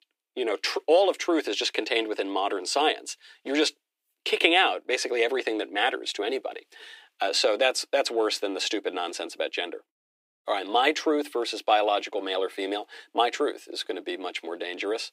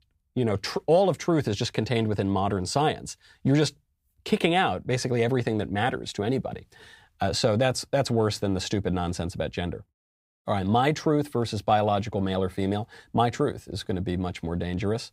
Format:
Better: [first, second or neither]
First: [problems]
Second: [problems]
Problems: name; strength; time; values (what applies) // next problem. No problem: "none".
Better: second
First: thin; somewhat; fading below 300 Hz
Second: none